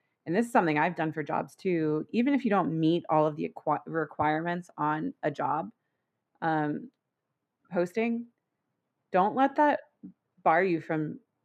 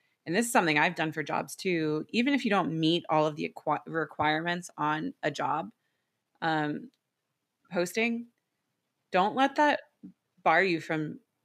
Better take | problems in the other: second | muffled; slightly; fading above 2 kHz

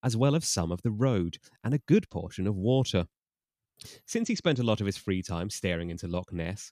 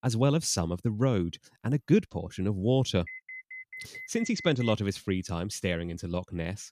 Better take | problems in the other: first | alarm; faint; from 3 to 4.5 s; peak 10 dB below the speech

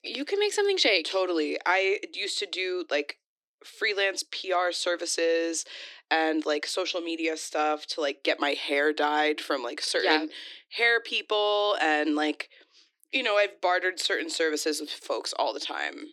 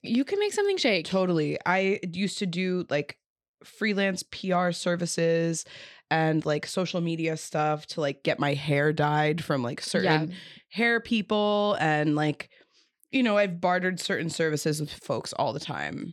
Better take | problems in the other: second | thin; somewhat; fading below 300 Hz

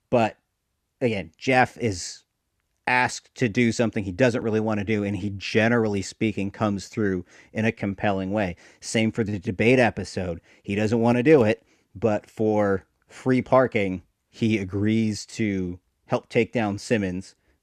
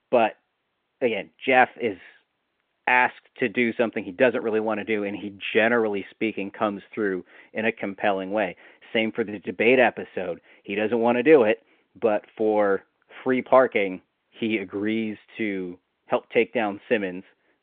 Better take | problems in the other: first | phone-call audio

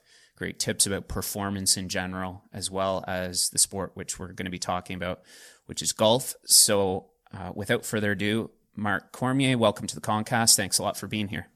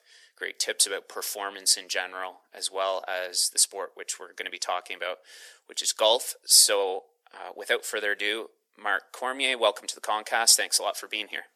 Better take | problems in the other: first | thin; very; fading below 400 Hz

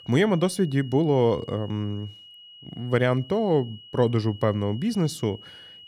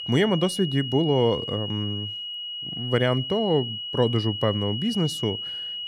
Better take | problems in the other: first | high-pitched whine; loud; throughout; 3 kHz, 6 dB below the speech; faint in the first

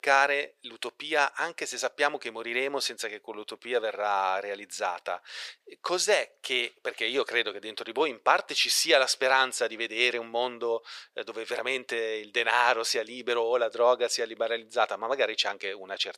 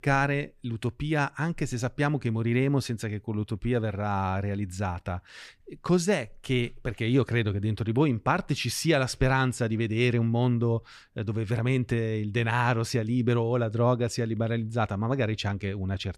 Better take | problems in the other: second | thin; very; fading below 500 Hz

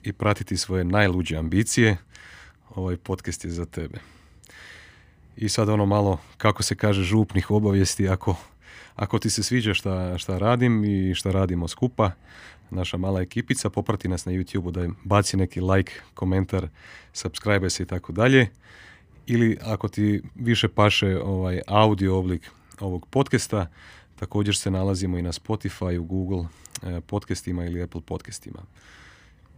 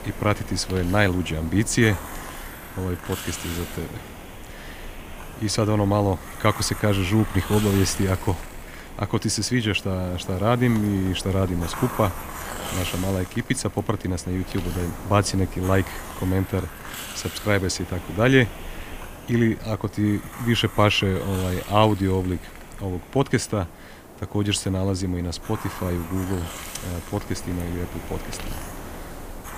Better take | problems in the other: first | hiss; noticeable; throughout; 10 dB below the speech

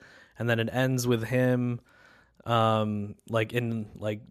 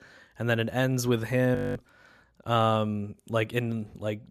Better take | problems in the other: first | audio freezing; at 1.5 s

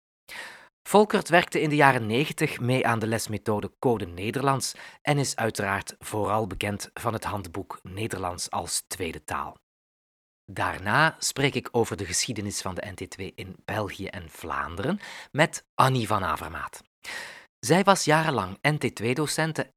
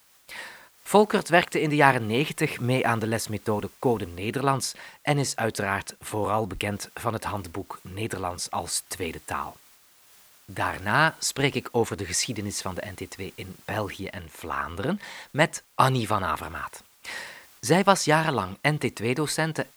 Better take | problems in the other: first | hiss; faint; throughout; 25 dB below the speech

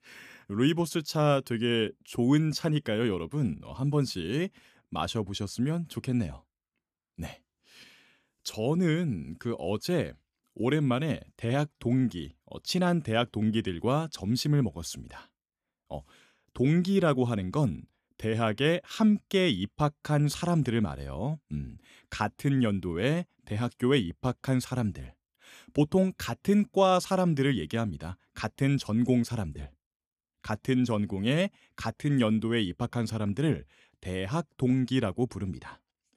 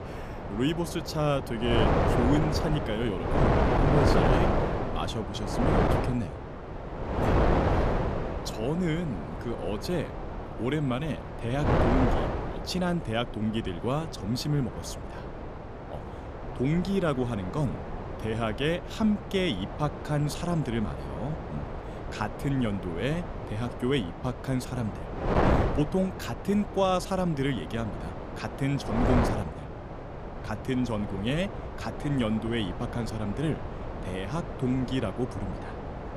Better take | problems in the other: first | wind noise on the microphone; heavy; as loud as the speech

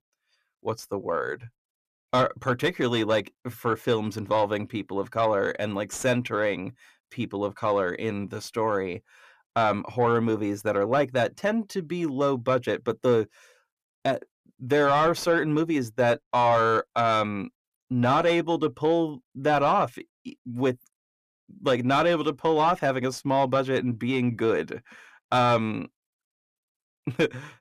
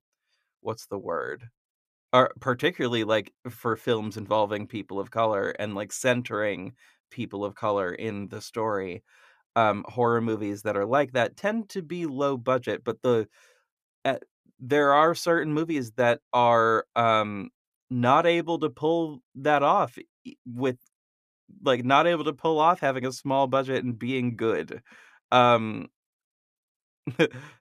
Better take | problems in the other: second | distortion; slight; 10 dB below the speech

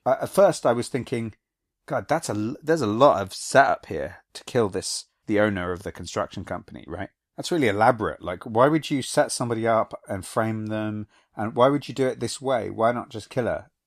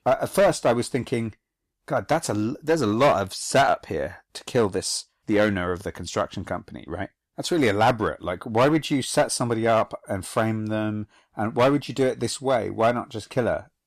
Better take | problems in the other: first | distortion; slight; 4% of the sound clipped

